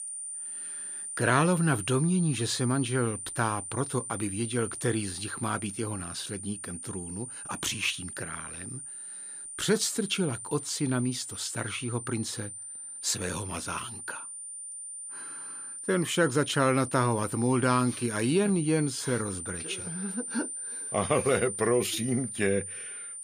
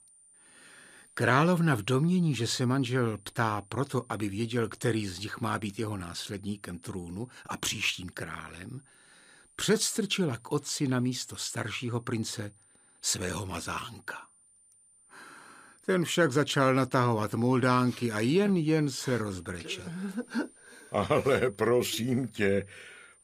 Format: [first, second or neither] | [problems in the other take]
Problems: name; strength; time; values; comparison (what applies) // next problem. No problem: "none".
second | high-pitched whine; loud; throughout; 9 kHz, 7 dB below the speech; faint in the second